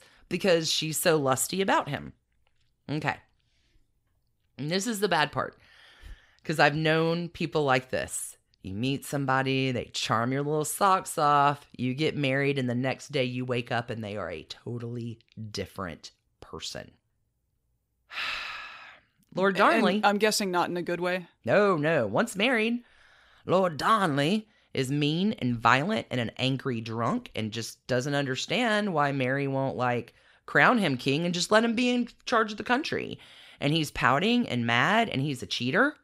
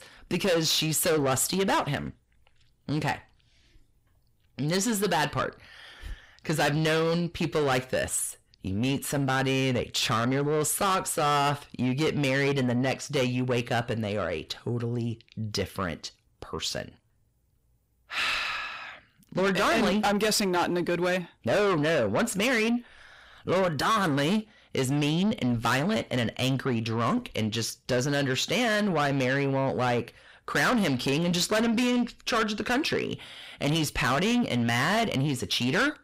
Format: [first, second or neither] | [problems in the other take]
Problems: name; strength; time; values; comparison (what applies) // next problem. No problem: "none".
first | distortion; heavy; 6 dB below the speech